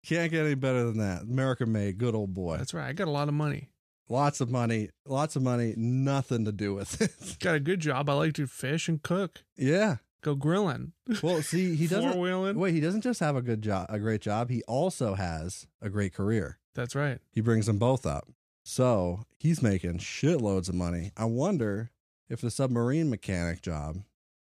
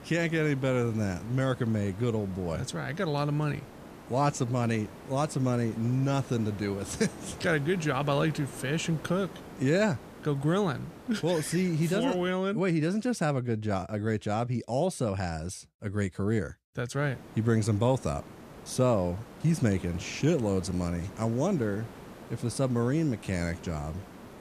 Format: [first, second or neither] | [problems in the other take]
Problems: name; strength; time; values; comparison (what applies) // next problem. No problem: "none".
first | hiss; noticeable; until 12 s and from 17 s on; 15 dB below the speech